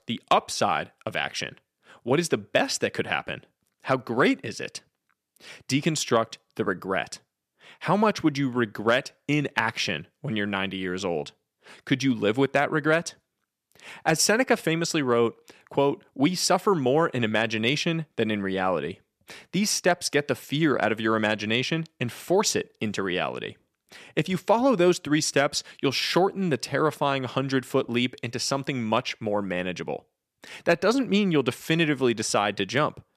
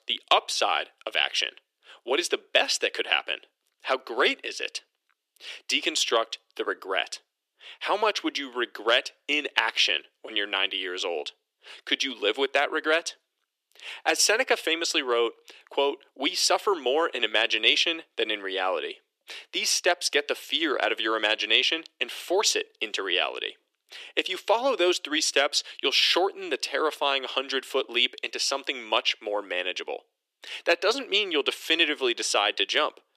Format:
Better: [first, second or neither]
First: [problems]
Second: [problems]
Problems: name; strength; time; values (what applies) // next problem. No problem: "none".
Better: first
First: none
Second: thin; somewhat; fading below 350 Hz